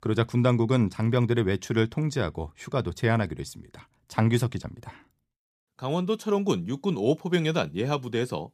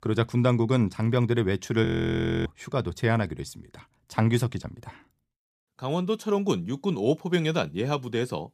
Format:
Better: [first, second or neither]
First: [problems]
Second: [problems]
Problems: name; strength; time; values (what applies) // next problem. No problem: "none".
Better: first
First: none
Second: audio freezing; at 2 s for 0.5 s